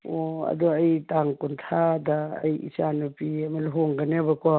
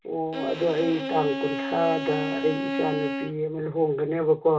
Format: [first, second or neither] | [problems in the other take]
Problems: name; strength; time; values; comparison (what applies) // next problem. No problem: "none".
first | background sound (Bowed string instrument); 5 dB below the speech // room echo; dies away in 0.2 s